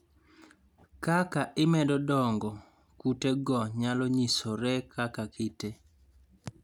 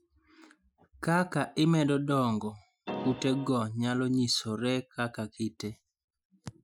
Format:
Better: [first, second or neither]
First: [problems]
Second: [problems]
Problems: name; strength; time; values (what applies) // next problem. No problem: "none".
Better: first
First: none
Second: noise reduction (classical method Wiener filter)